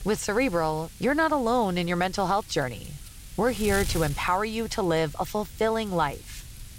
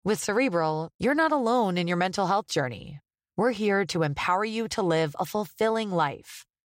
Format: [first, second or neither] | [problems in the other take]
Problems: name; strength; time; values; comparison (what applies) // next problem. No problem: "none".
second | wind noise on the microphone; occasional gusts; 20 dB below the speech